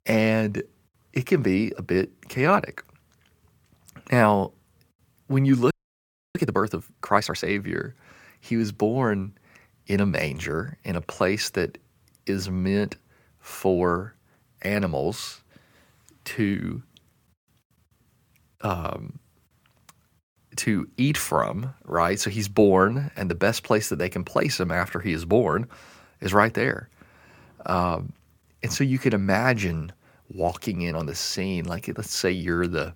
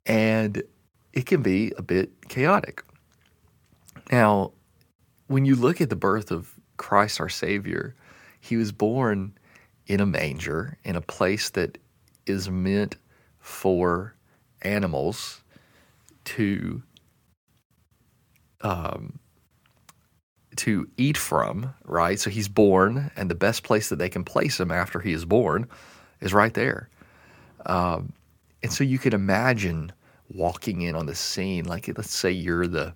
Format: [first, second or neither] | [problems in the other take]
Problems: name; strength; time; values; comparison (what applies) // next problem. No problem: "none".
second | audio freezing; at 5.5 s for 0.5 s